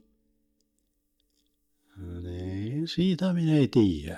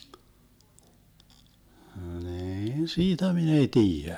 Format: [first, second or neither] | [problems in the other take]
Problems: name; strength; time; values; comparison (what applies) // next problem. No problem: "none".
second | noise reduction (neural mask model DeepFilterNet 3)